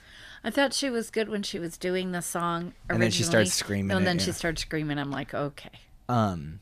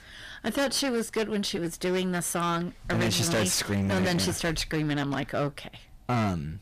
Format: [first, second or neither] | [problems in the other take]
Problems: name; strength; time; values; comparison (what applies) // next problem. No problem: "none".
first | distortion; heavy; 18% of the sound clipped